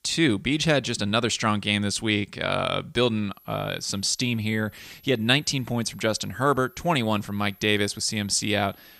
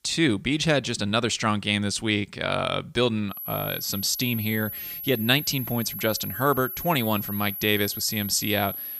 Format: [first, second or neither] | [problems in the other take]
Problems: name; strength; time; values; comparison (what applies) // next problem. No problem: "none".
first | high-pitched whine; loud; from 3.5 s on; 11.5 kHz, 7 dB below the speech; faint in the first